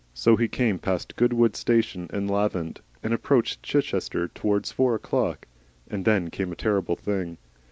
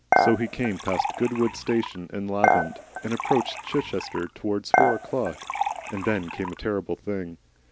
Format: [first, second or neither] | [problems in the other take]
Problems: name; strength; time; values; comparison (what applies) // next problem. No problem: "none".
first | background sound (Dishes, pots, and pans / Chink, clink); 1 dB above the speech